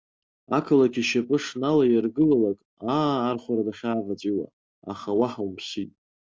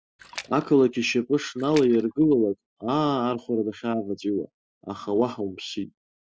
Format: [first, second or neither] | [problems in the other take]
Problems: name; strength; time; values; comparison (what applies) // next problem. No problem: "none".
first | noise reduction (classical method spectral subtraction)